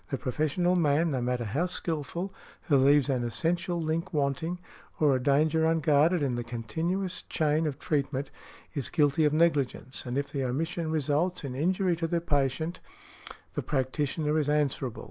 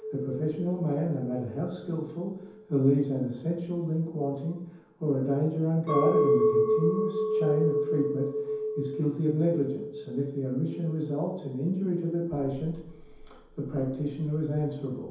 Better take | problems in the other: first | background sound (Chink, clink); 3 dB below the speech // room echo; dies away in 0.9 s

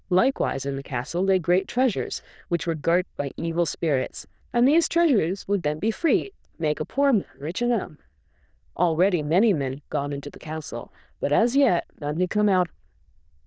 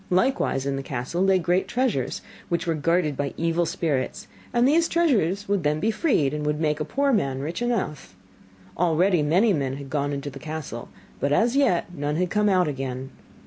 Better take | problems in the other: second | noise reduction (neural diffusion model UNIVERSE++)

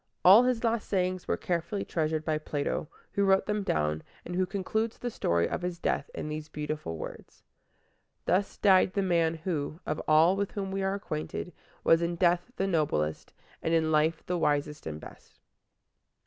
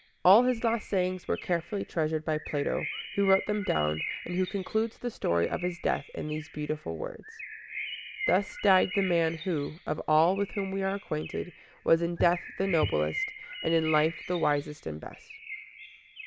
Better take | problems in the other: first | background sound (Bird + Walk, footsteps / Bird vocalization, bird call, bird song); 11 dB below the speech

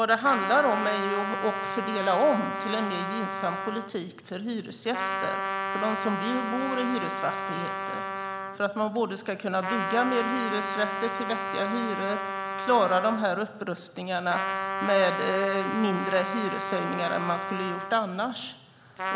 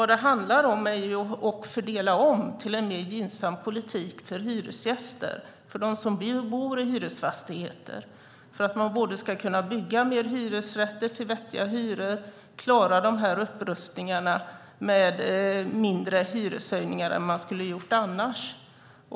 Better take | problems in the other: second | background sound (Trumpet); 4 dB below the speech

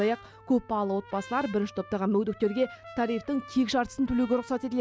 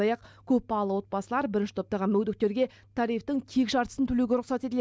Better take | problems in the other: second | background sound (Trumpet); 20 dB below the speech

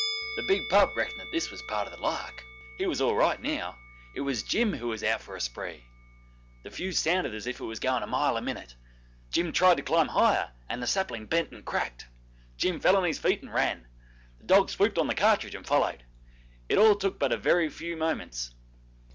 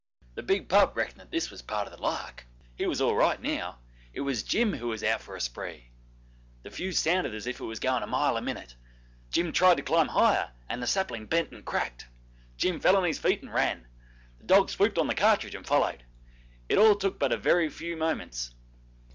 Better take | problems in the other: second | background sound (Musical instrument); 17 dB below the speech

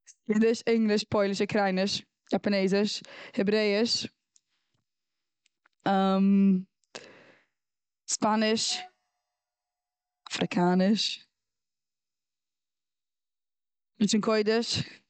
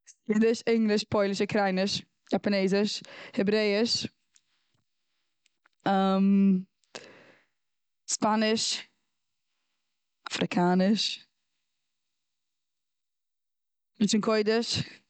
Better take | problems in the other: second | noise reduction (neural mask model DeepFilterNet 3)

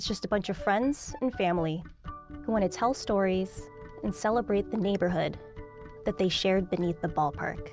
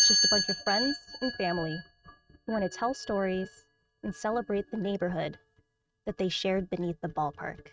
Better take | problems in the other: first | noise reduction (neural mask model RNNoise)

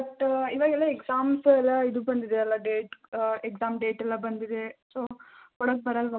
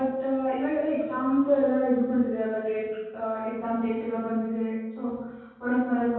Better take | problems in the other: first | room echo; dies away in 1.3 s

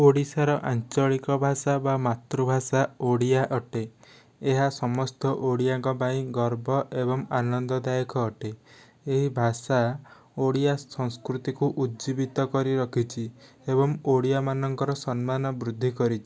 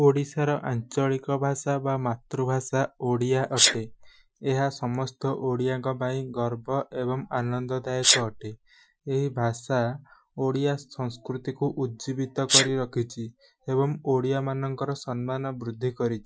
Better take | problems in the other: first | noise reduction (classical method Wiener filter)

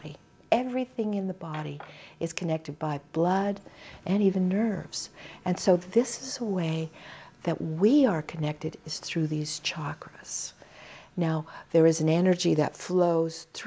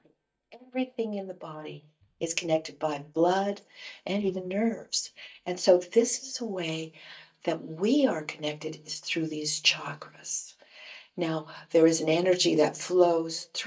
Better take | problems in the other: first | noise reduction (neural mask model DeepFilterNet 3)

